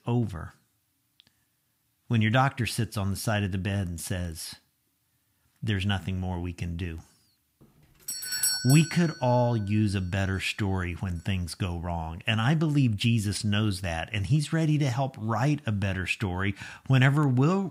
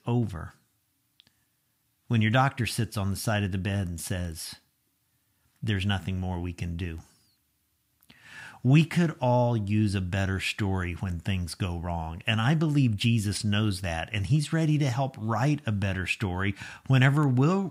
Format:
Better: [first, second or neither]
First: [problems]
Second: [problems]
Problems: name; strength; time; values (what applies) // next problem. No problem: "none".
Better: second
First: doorbell; loud; at 8 s; peak 2 dB above the speech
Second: none